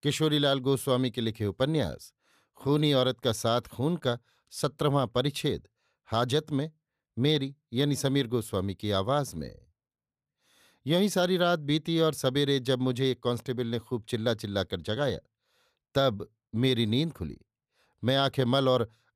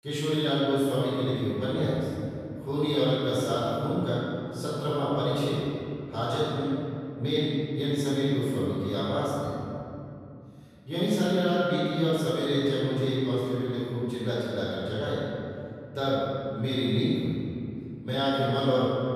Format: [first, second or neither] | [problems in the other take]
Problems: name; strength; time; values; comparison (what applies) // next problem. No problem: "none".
first | room echo; strong; dies away in 2.6 s // off-mic speech; far